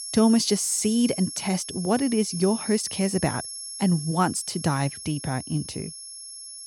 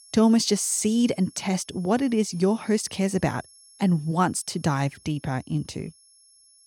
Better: second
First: high-pitched whine; loud; throughout; 11 kHz, 9 dB below the speech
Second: high-pitched whine; faint; throughout; 11 kHz, 25 dB below the speech

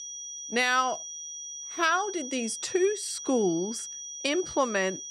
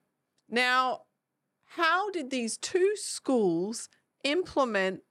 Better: second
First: high-pitched whine; loud; throughout; 6 kHz, 9 dB below the speech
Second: none

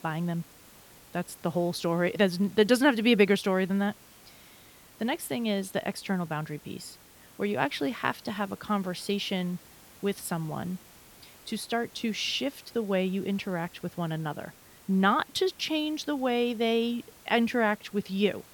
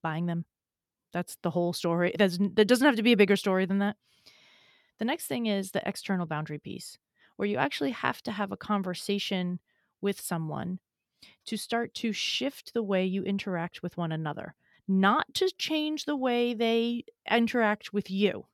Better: second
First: hiss; faint; throughout; 25 dB below the speech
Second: none

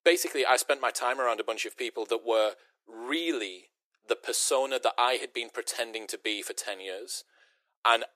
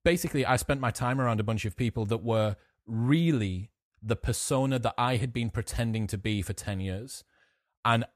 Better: second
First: thin; very; fading below 350 Hz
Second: none

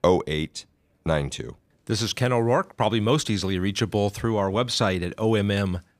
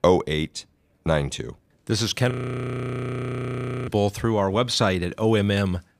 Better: first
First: none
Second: audio freezing; at 2.5 s for 1.5 s

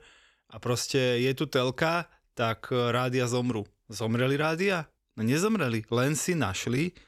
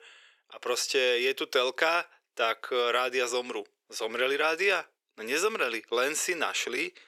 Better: first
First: none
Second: thin; very; fading below 400 Hz

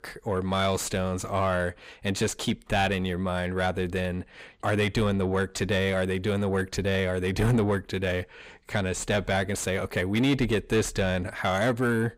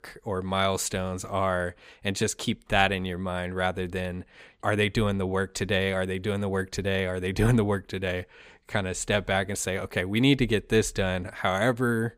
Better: second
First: distortion; slight; 10 dB below the speech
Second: none

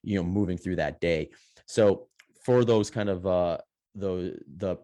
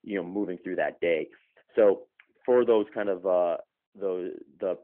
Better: first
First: none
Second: phone-call audio; nothing above 3 kHz

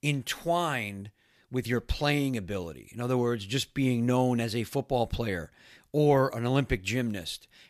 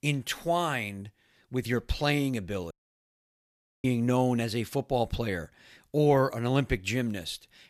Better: first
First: none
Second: audio cutting out; at 2.5 s for 1 s

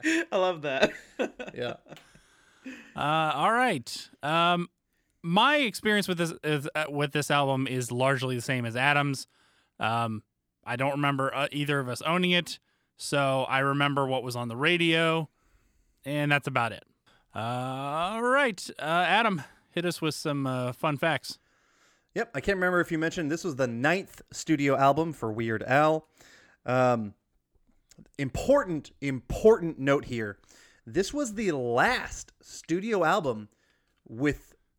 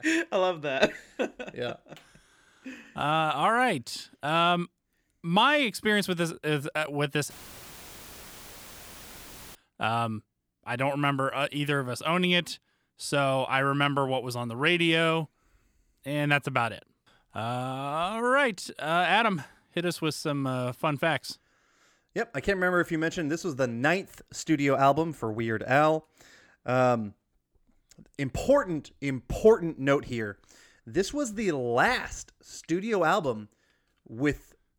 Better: first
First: none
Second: audio cutting out; filled with static; at 7.5 s for 2.5 s

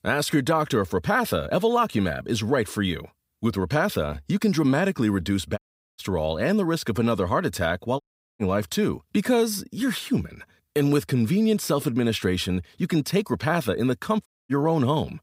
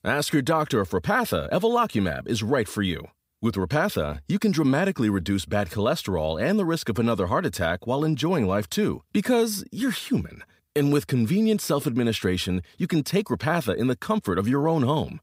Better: second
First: audio cutting out; at 5.5 s, at 8 s and at 14 s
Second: none

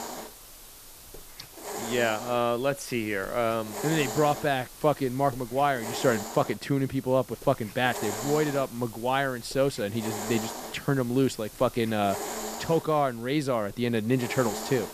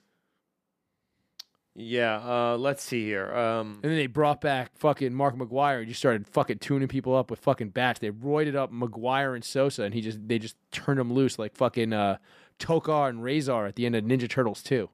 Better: second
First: hiss; noticeable; throughout; 10 dB below the speech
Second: none

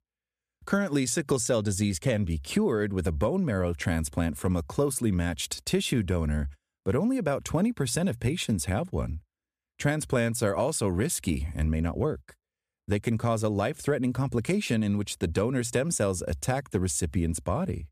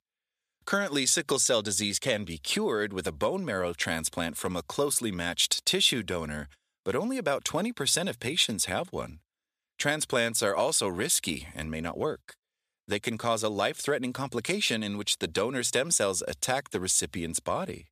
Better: first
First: none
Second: thin; somewhat; fading below 650 Hz

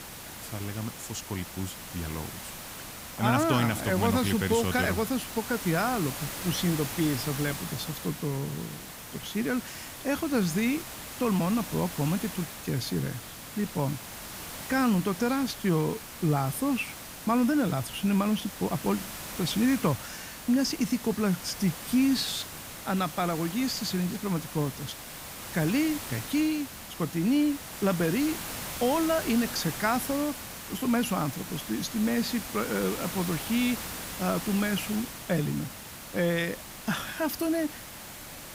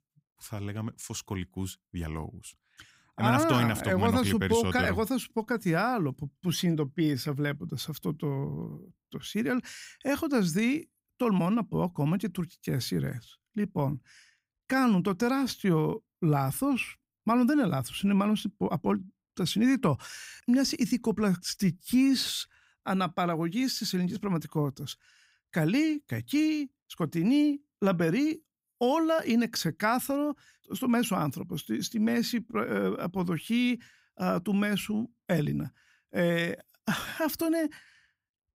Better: second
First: hiss; loud; throughout; 9 dB below the speech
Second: none

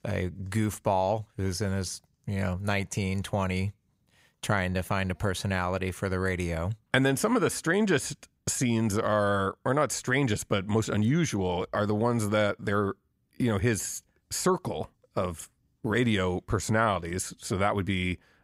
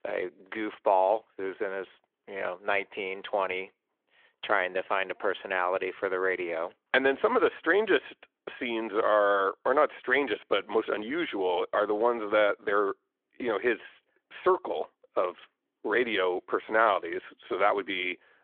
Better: first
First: none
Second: phone-call audio; nothing above 3.5 kHz

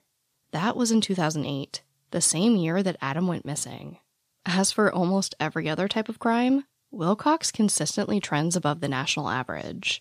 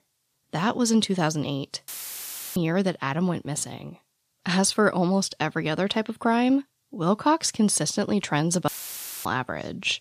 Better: first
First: none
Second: audio cutting out; filled with static; at 2 s for 0.5 s and at 8.5 s for 0.5 s

